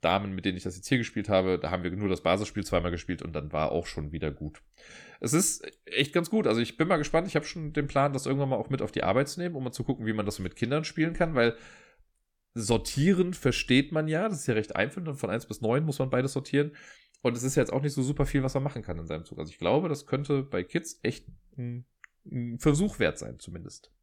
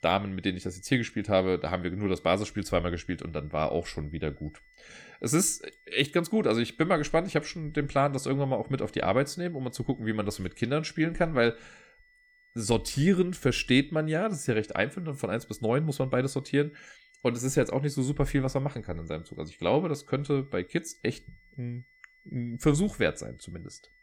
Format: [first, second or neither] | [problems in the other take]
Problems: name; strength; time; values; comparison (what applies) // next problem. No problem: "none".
first | high-pitched whine; faint; throughout; 2 kHz, 30 dB below the speech